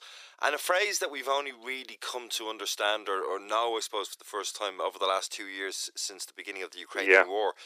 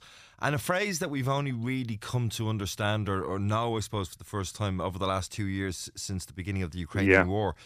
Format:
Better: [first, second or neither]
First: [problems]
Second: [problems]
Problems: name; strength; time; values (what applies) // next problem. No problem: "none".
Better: second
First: thin; very; fading below 400 Hz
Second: none